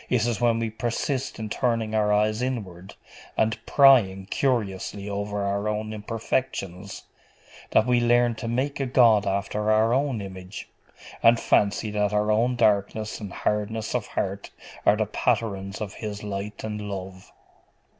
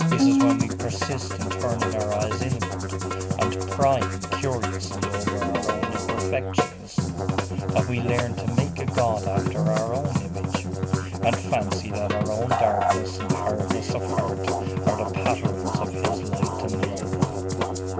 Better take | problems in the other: first | background sound (Musical instrument); 4 dB above the speech

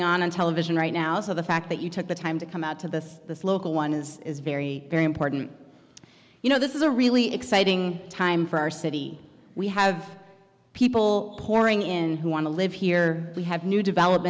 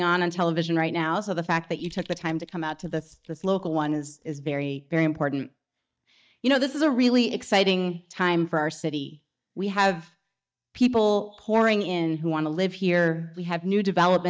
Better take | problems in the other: first | noise reduction (neural mask model DeepFilterNet 3)

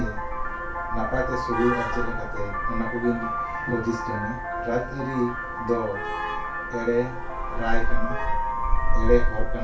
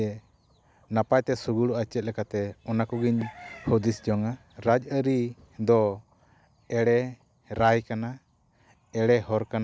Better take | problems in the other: second | background sound (Vehicle horn, car horn, honking); 4 dB above the speech // room echo; dies away in 0.2 s

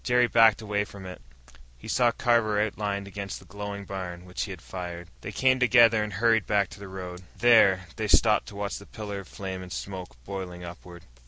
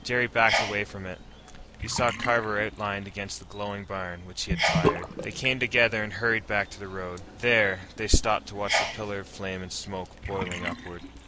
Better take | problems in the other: first | background sound (Bathtub (filling or washing) / Sink (filling or washing) + Sneeze); 5 dB below the speech

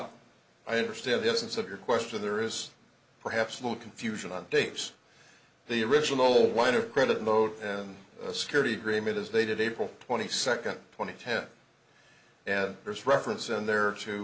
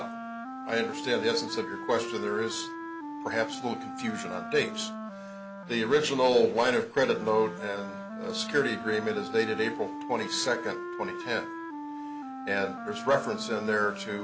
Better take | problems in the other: first | background sound (Wind instrument, woodwind instrument); 9 dB below the speech

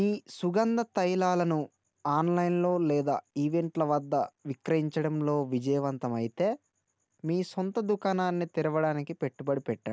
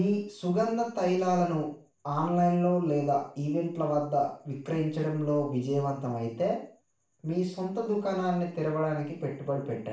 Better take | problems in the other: first | room echo; dies away in 0.4 s

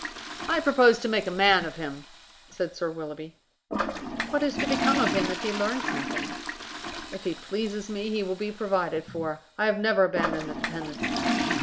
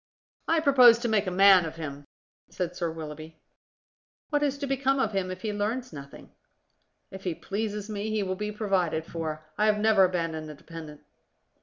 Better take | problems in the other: second | background sound (Toilet flush); 5 dB below the speech

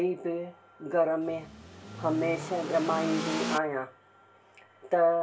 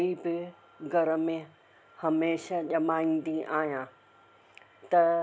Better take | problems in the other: second | background sound (Accelerating, revving, vroom / Car); 6 dB below the speech // room echo; dies away in 0.2 s

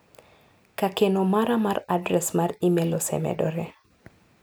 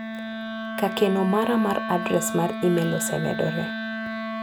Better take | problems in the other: first | background sound (Wind instrument, woodwind instrument); 5 dB below the speech

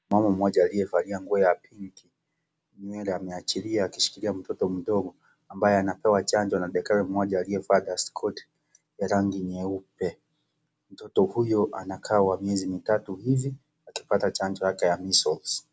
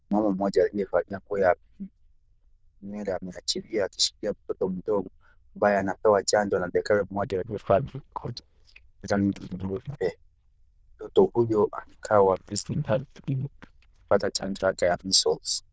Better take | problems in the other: first | noise reduction (neural diffusion model UNIVERSE++)

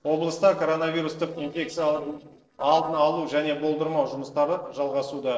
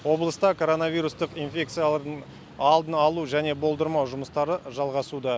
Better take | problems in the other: second | noise reduction (neural separator model SepFormer DNS4)

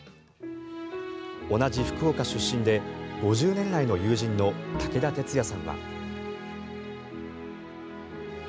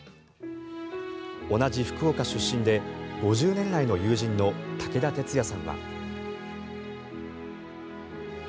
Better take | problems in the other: second | background sound (Bowed string instrument); 12 dB below the speech

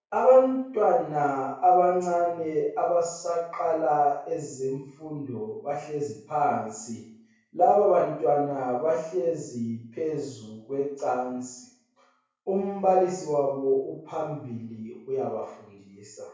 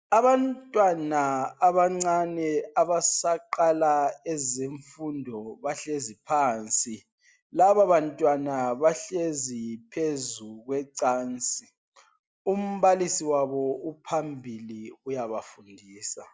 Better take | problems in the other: second | room echo; dies away in 0.6 s

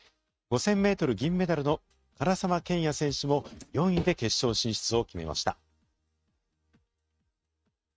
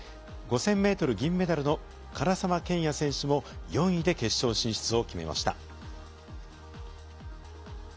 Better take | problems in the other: second | noise reduction (neural mask model RNNoise)

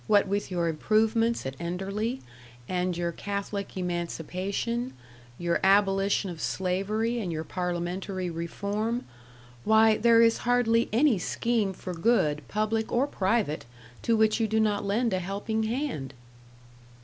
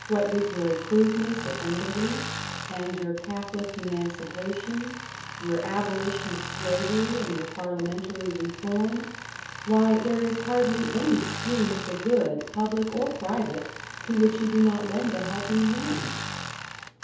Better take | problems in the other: first | background sound (Tools); 9 dB below the speech // room echo; dies away in 0.7 s

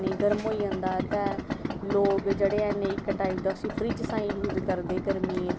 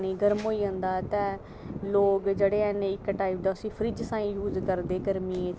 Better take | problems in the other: second | background sound (Idling); 4 dB below the speech

